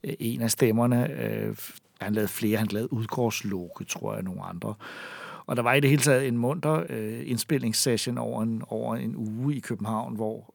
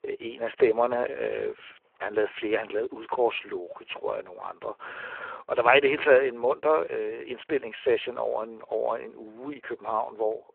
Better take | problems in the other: first | phone-call audio; poor line

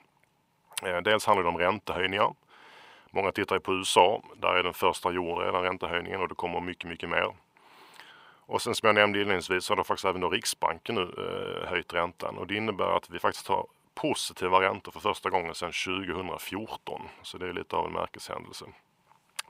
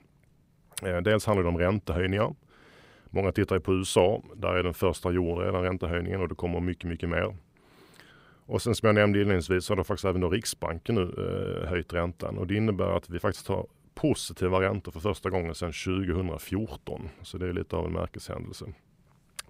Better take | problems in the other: second | thin; somewhat; fading below 1 kHz

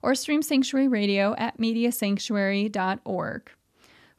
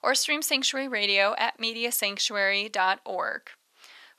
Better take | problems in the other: first | thin; very; fading below 750 Hz

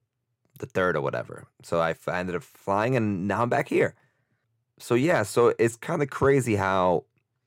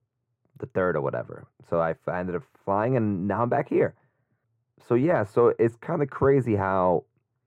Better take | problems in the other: first | muffled; very; fading above 2.5 kHz

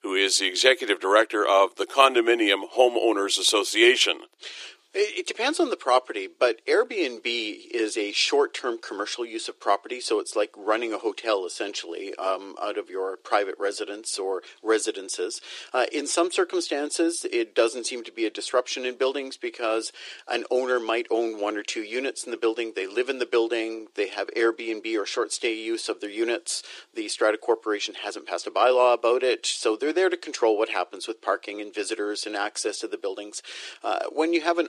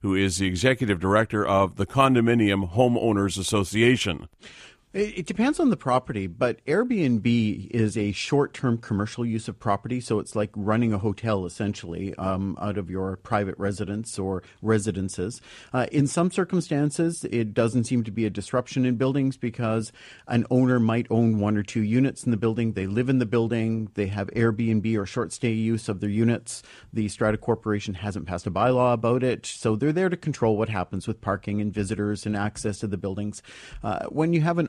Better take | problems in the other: second | thin; very; fading below 350 Hz

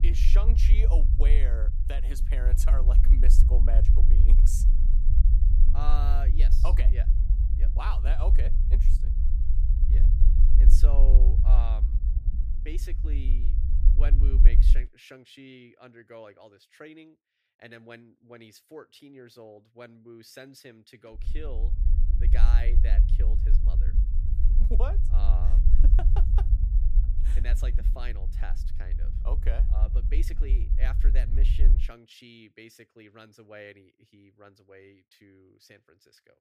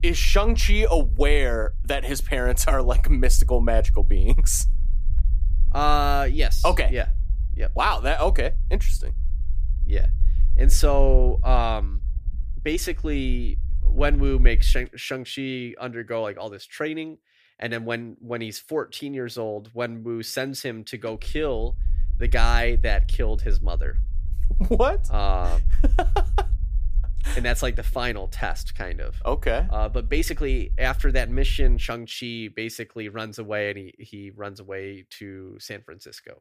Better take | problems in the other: second | low rumble; loud; until 15 s and from 21 to 32 s; 4 dB below the speech; faint in the second

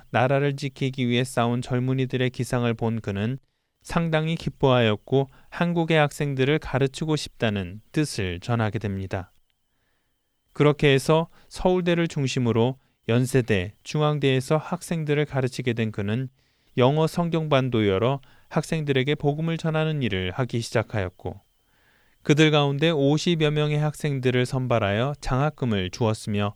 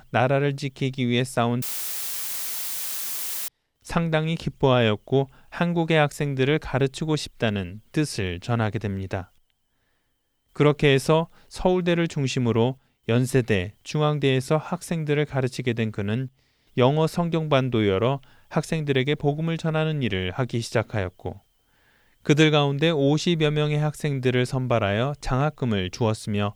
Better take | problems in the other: first | audio cutting out; filled with static; at 1.5 s for 2 s

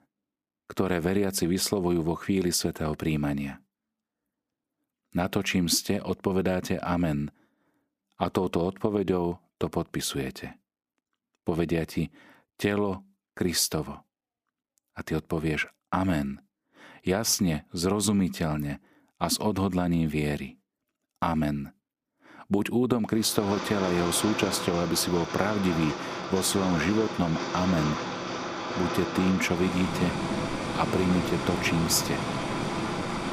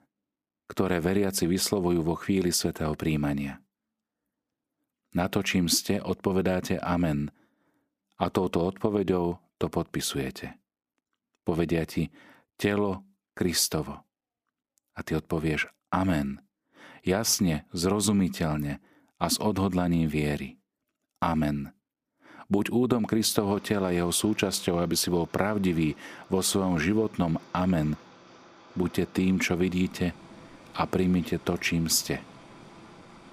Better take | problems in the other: second | rain or running water; loud; from 23 s on; 4 dB below the speech; faint in the second

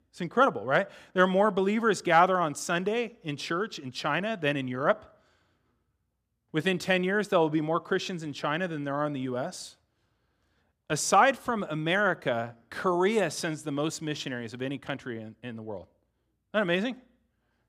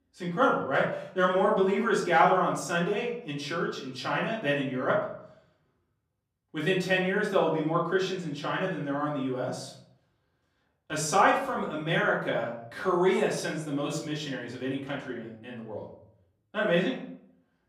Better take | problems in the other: first | off-mic speech; far // room echo; slight; dies away in 0.5 s

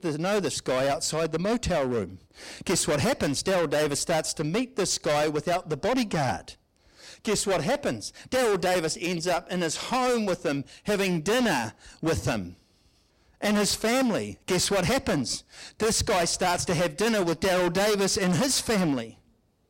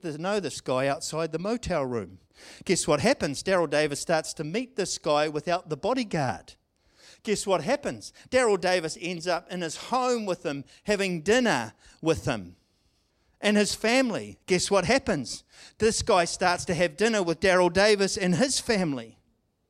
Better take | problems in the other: second | distortion; heavy; 21% of the sound clipped

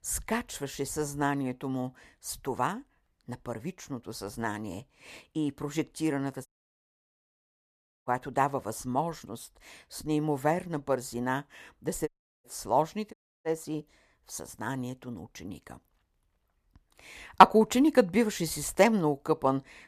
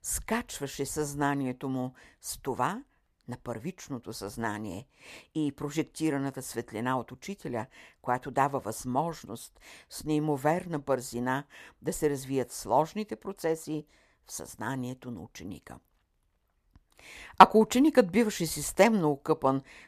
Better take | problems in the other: second | audio cutting out; at 6.5 s for 1.5 s, at 12 s and at 13 s

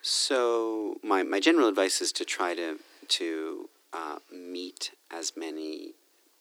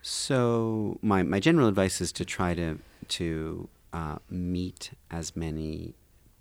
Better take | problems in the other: second | thin; somewhat; fading below 300 Hz

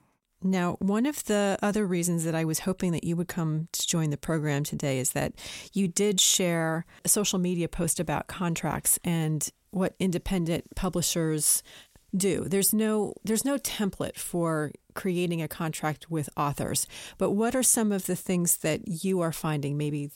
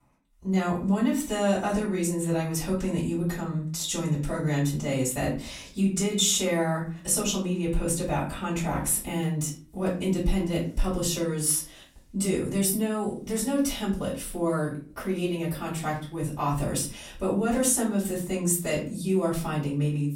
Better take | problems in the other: first | room echo; slight; dies away in 0.4 s // off-mic speech; far

